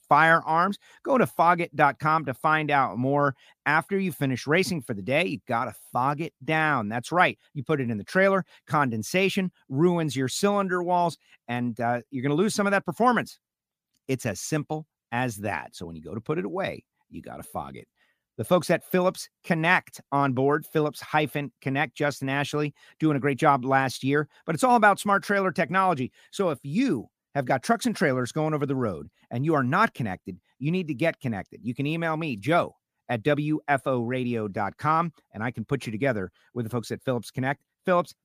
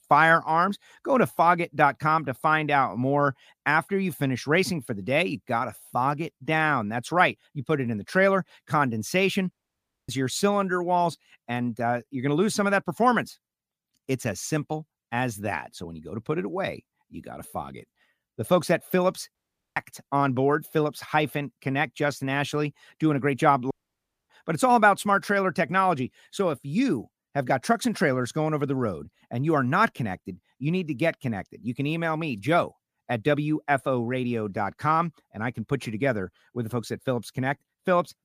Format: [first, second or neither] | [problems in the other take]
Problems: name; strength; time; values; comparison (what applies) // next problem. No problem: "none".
first | audio cutting out; at 9.5 s for 0.5 s, at 19 s and at 24 s for 0.5 s